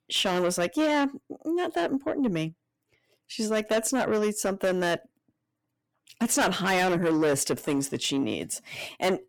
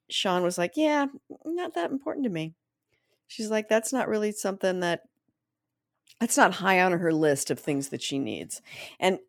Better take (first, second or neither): second